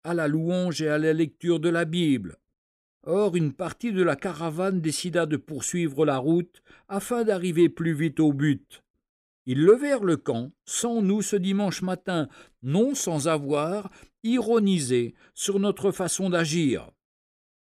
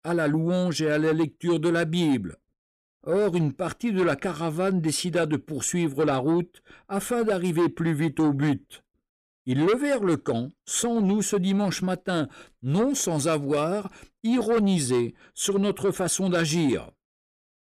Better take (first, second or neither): first